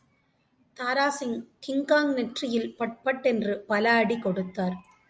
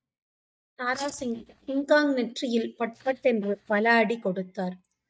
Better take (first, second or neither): first